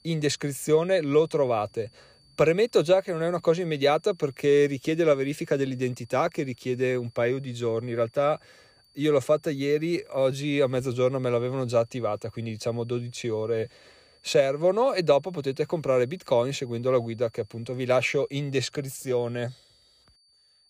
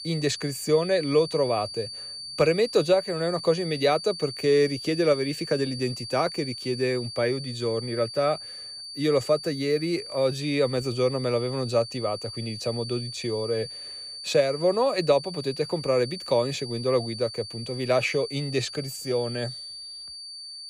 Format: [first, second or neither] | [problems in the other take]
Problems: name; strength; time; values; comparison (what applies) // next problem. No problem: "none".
first | high-pitched whine; loud; throughout; 4.5 kHz, 10 dB below the speech; faint in the first